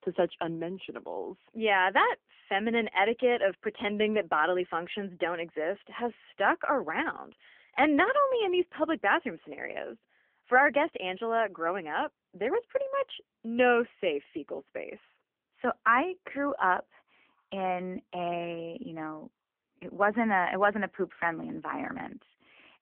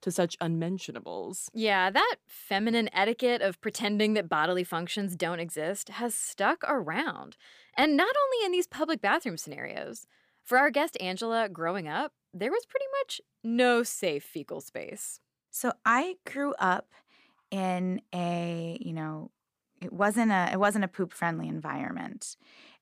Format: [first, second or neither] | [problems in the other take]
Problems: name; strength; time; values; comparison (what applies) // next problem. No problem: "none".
second | phone-call audio; nothing above 3.5 kHz